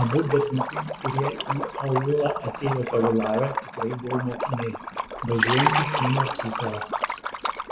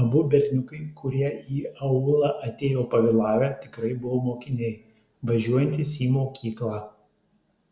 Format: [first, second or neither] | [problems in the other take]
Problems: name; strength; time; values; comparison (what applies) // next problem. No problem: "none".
second | background sound (Liquid + Liquid); 2 dB below the speech